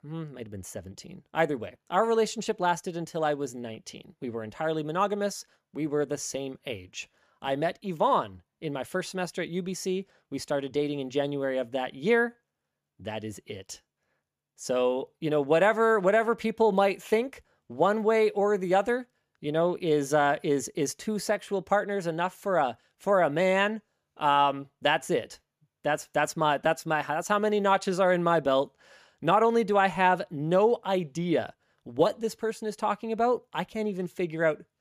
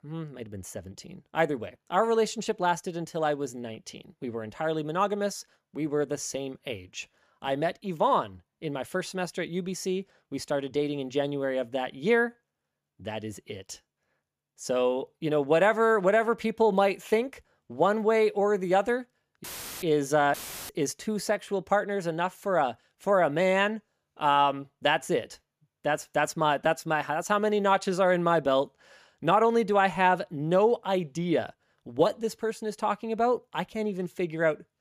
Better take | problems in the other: first | audio cutting out; filled with static; at 19 s and at 20 s

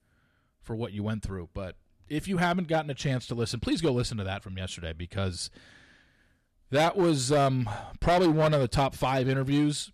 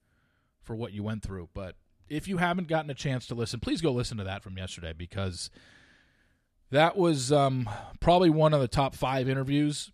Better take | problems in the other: second | distortion; slight; 5% of the sound clipped

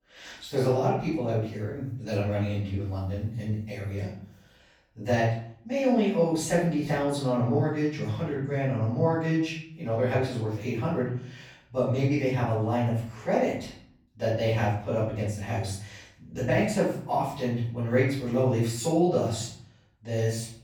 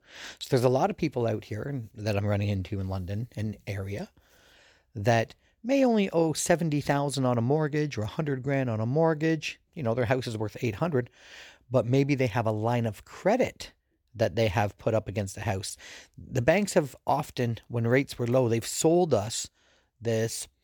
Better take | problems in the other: second | room echo; noticeable; dies away in 0.6 s // off-mic speech; far

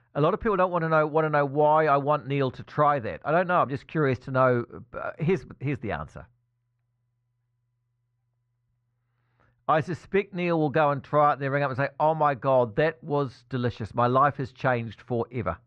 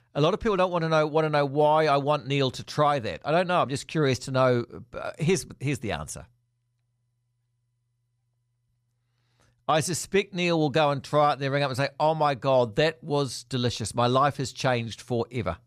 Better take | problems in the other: second | muffled; very; fading above 1.5 kHz

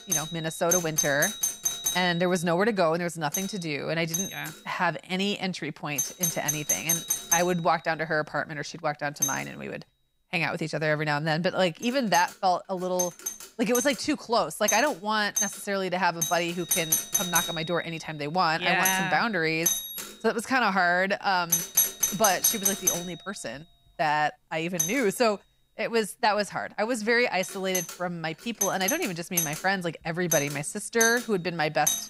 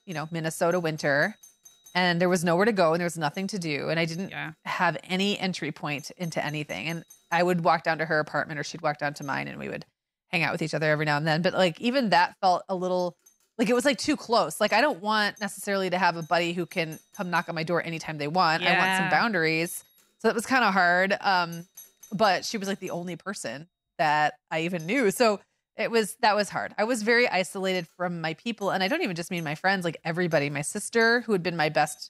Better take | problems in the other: second | alarms or sirens; loud; throughout; as loud as the speech; faint in the second

